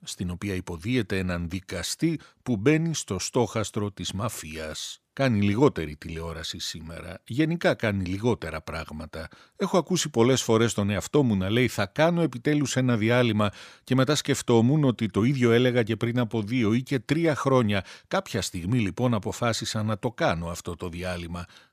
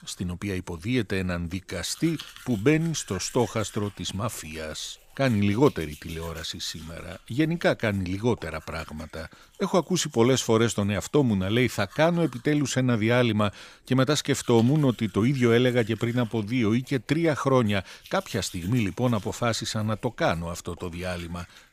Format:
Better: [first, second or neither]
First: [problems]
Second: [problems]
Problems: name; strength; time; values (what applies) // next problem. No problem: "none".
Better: first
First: none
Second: household noises; faint; throughout; 25 dB below the speech